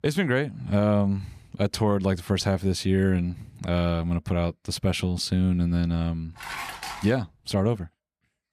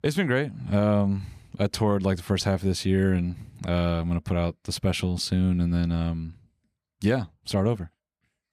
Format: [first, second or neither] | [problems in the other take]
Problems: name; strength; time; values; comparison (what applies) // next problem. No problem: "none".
second | clattering dishes; noticeable; at 6.5 s; peak 7 dB below the speech